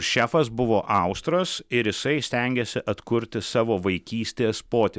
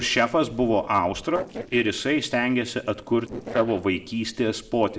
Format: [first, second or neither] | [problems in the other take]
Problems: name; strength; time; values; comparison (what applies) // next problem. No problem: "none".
first | noise reduction (neural separator model SepFormer DNS4)